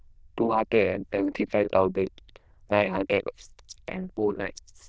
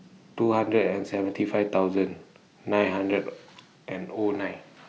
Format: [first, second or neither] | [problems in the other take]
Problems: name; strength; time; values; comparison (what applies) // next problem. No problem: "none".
second | noise reduction (neural diffusion model UNIVERSE++)